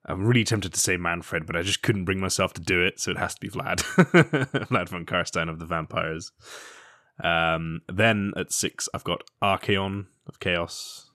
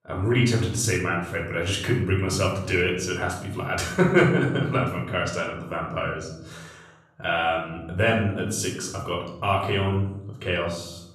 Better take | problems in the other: first | off-mic speech; far // room echo; noticeable; dies away in 1 s

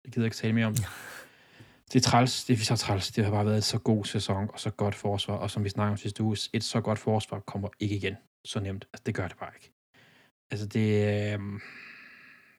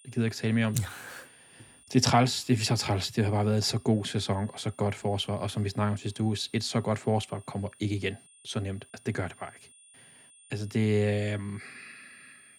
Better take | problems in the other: first | high-pitched whine; faint; throughout; 9 kHz, 25 dB below the speech

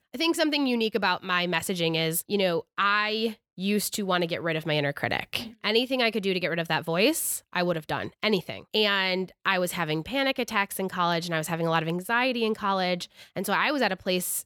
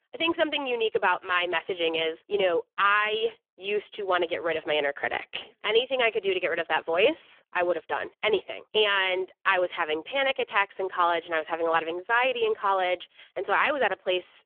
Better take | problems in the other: first | phone-call audio; poor line; nothing above 3.5 kHz

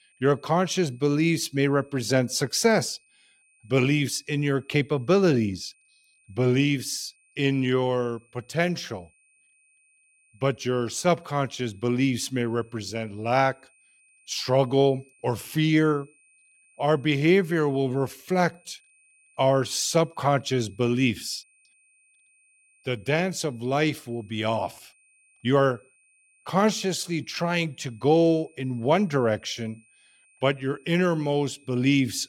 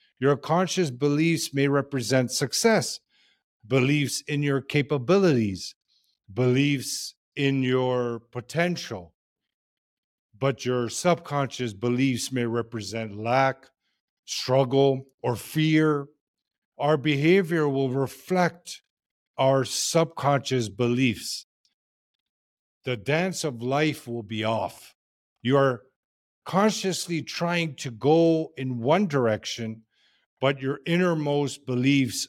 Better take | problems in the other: second | high-pitched whine; faint; throughout; 2.5 kHz, 35 dB below the speech

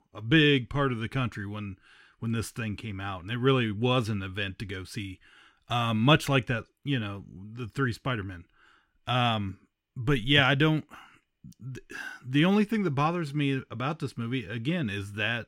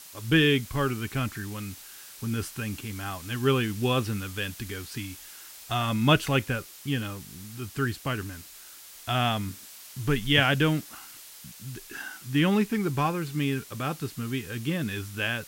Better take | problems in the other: first | hiss; noticeable; throughout; 15 dB below the speech

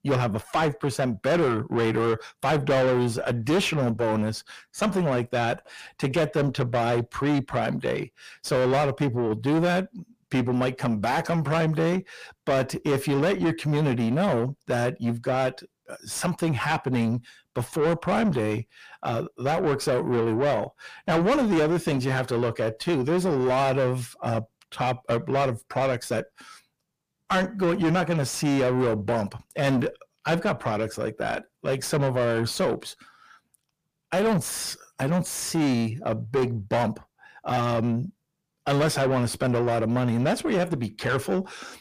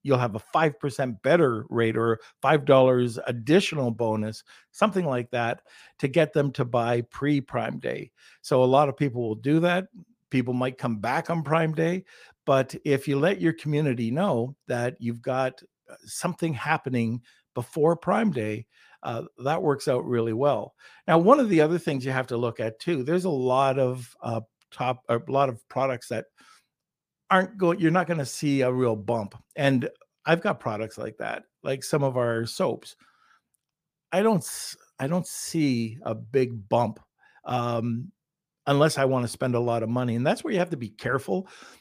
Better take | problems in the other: second | distortion; heavy; 7 dB below the speech

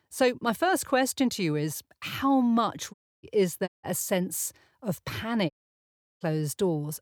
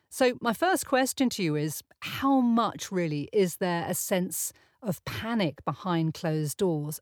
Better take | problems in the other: second | audio cutting out; at 3 s, at 3.5 s and at 5.5 s for 0.5 s

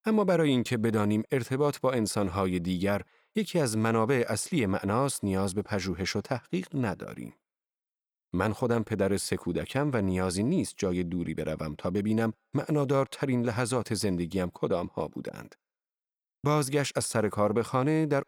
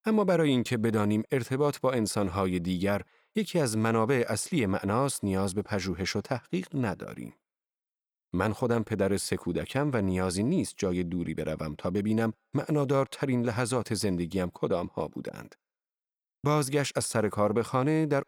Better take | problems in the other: neither | none

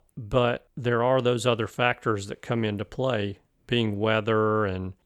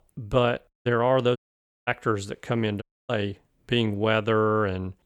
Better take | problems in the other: first | audio cutting out; at 0.5 s, at 1.5 s for 0.5 s and at 3 s

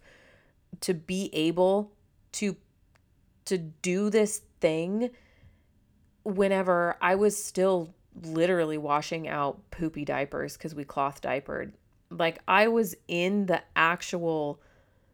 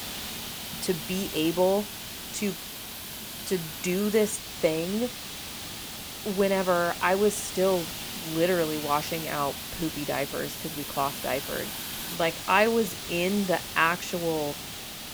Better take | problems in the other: first | hiss; loud; throughout; 7 dB below the speech

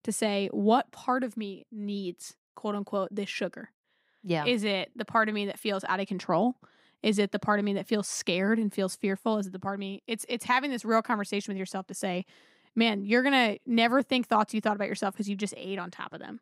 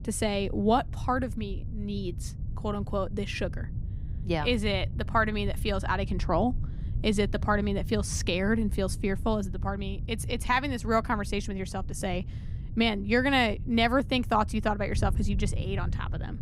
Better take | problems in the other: first | wind noise on the microphone; occasional gusts; 20 dB below the speech

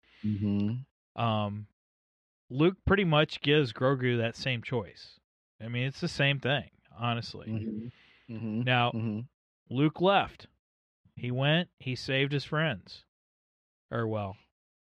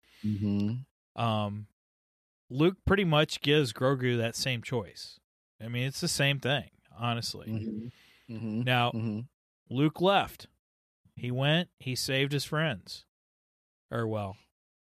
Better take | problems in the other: second | muffled; slightly; fading above 3 kHz

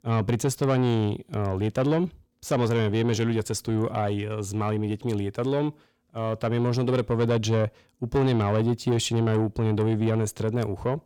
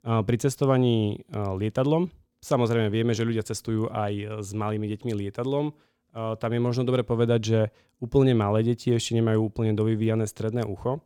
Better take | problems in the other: second | distortion; slight; 10 dB below the speech

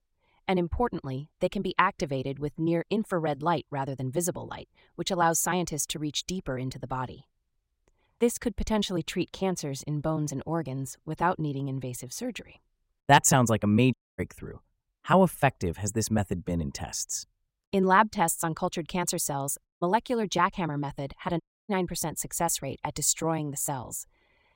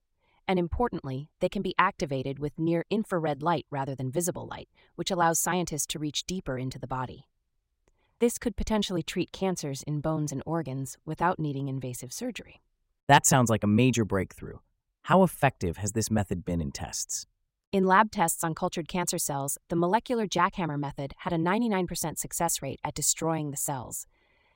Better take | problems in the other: second | audio cutting out; at 14 s, at 20 s and at 21 s

